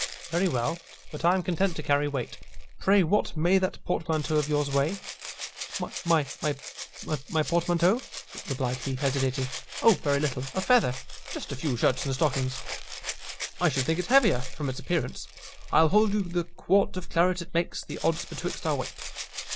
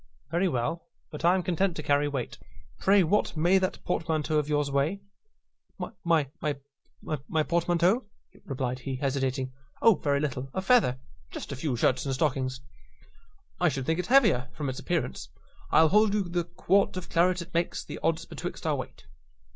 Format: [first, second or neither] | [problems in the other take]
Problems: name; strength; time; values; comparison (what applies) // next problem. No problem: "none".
second | background sound (Rattle (instrument)); 13 dB below the speech